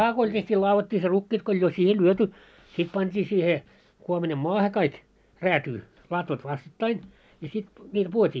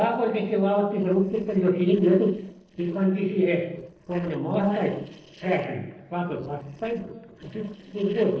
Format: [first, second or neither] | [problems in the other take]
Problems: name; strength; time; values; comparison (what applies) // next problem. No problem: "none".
first | noise reduction (neural separator model SepFormer DNS4)